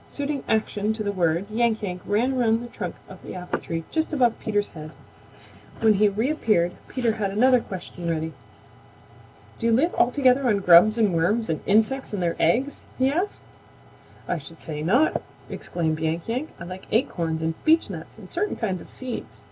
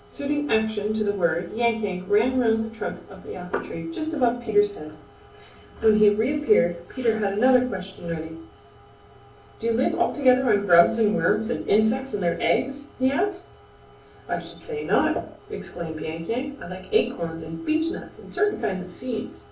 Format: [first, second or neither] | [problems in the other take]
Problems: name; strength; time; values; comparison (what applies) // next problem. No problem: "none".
first | room echo; dies away in 0.4 s